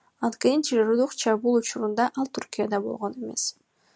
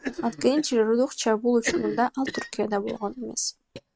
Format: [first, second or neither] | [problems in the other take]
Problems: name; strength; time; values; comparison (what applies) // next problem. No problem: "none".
first | noise reduction (neural mask model RNNoise)